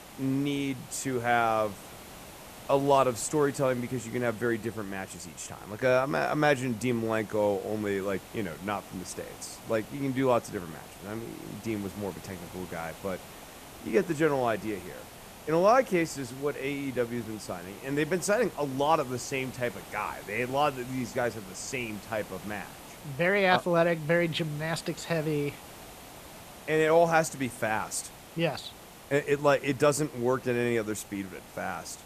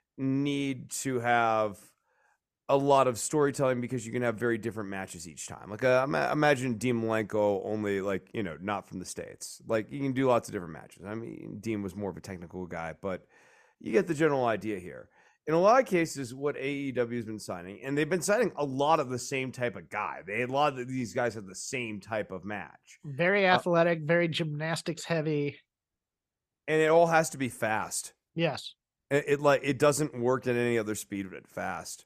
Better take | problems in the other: second | hiss; noticeable; throughout; 15 dB below the speech

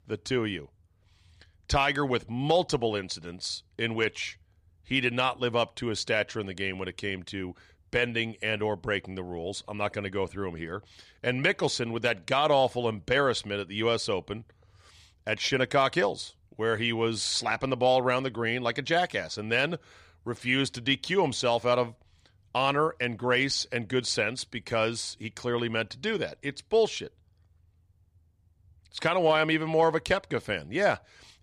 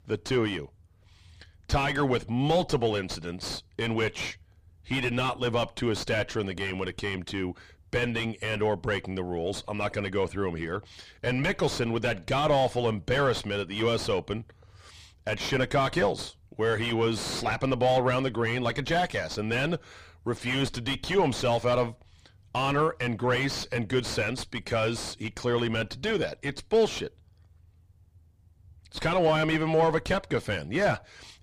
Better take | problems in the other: first | distortion; heavy; 3 dB below the speech

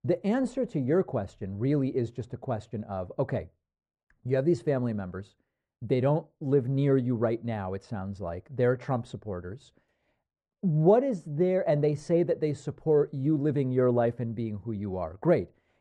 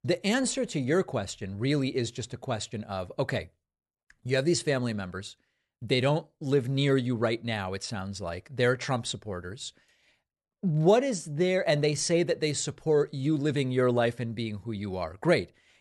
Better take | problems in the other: second | muffled; very; fading above 2 kHz

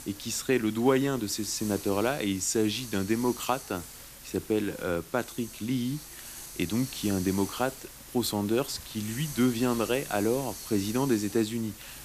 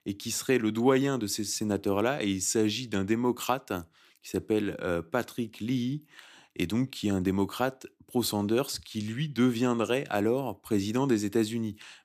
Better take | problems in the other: second | hiss; noticeable; throughout; 10 dB below the speech

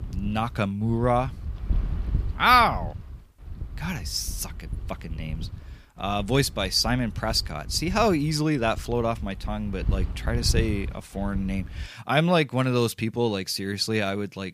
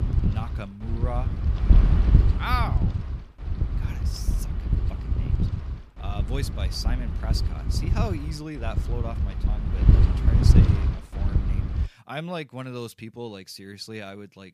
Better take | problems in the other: first | wind noise on the microphone; heavy; until 12 s; 3 dB below the speech; occasional gusts in the first

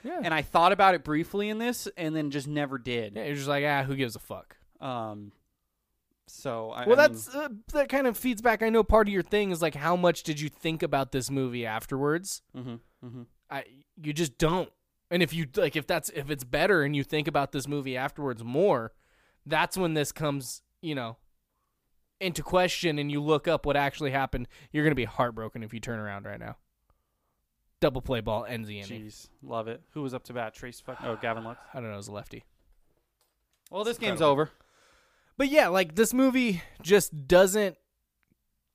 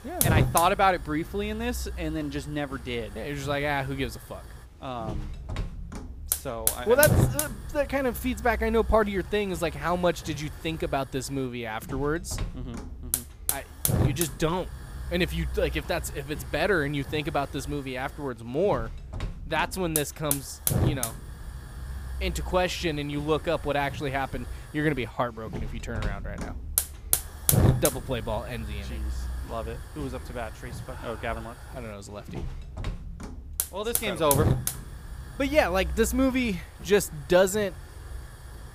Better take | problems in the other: first | hiss; loud; throughout; 3 dB below the speech

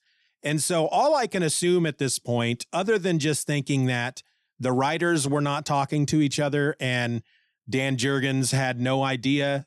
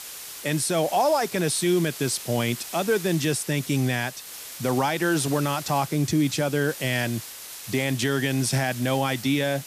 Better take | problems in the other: first | hiss; noticeable; throughout; 10 dB below the speech

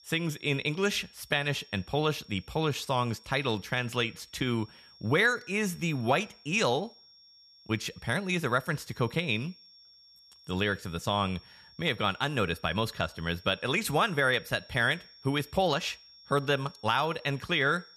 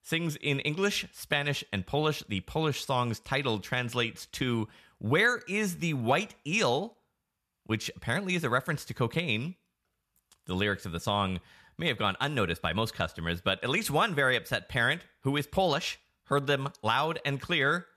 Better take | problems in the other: second | high-pitched whine; faint; throughout; 5.5 kHz, 25 dB below the speech

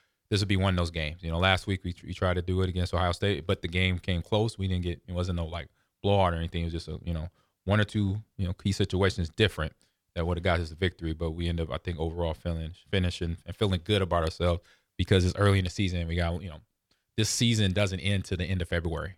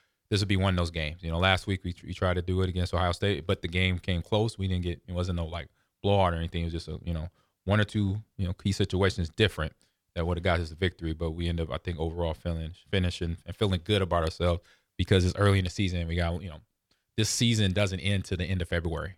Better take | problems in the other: neither | none

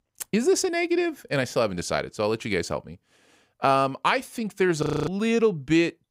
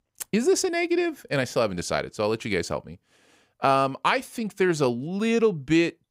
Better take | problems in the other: second | audio freezing; at 5 s

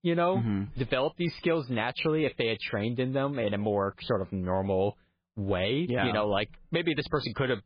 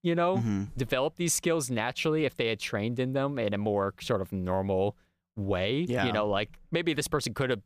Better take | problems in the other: second | garbled, watery; badly

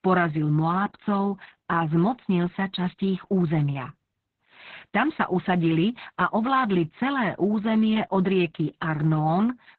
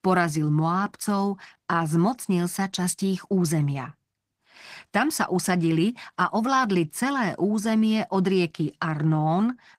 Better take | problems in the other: second | garbled, watery; badly; nothing above 4 kHz; slightly in the second

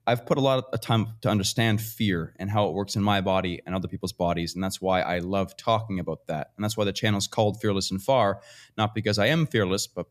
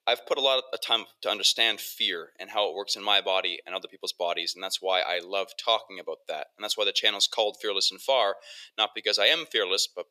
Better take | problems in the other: first | thin; very; fading below 450 Hz

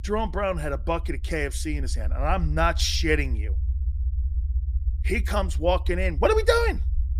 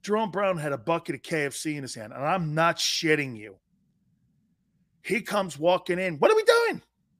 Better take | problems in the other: second | low rumble; faint; throughout; 25 dB below the speech

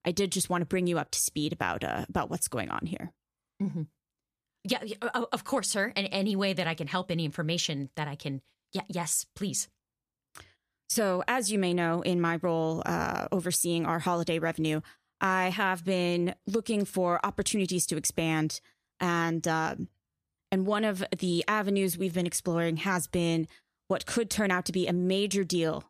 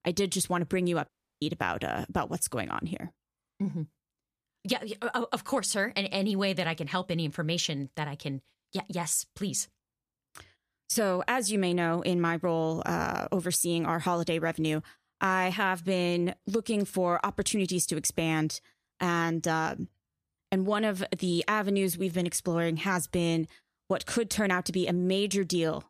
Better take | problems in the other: first | audio cutting out; at 1 s

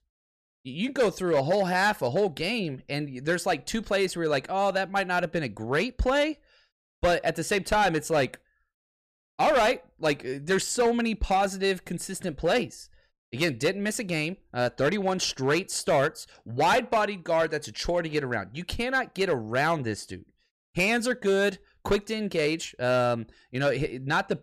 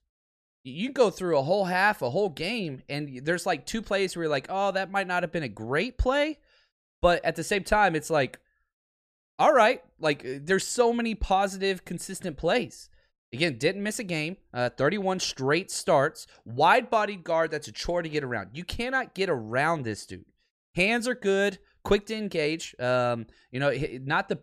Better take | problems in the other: second | distortion; slight; 5% of the sound clipped

